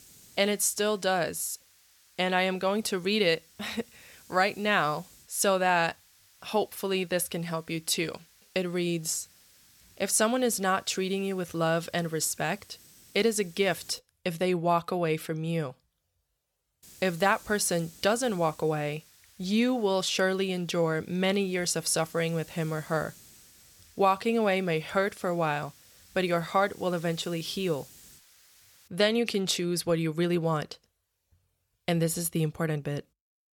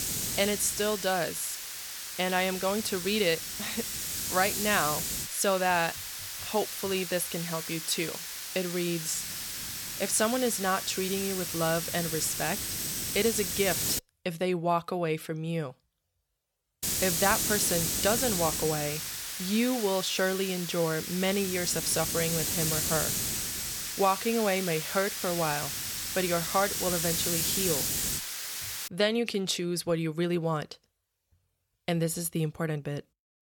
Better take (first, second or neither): first